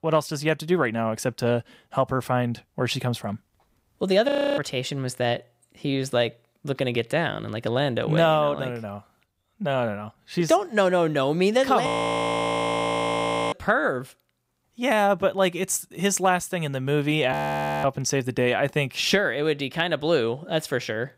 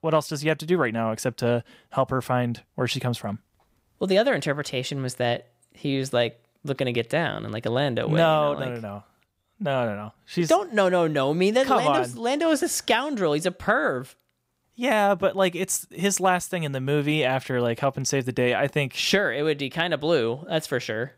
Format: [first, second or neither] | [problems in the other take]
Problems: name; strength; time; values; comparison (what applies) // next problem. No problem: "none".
second | audio freezing; at 4.5 s, at 12 s for 1.5 s and at 17 s for 0.5 s